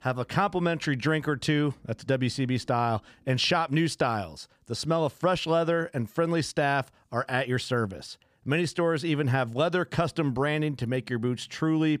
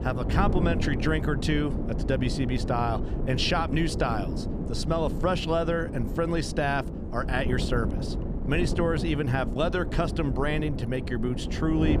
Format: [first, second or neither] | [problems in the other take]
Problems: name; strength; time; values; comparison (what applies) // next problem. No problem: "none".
first | wind noise on the microphone; heavy; 9 dB below the speech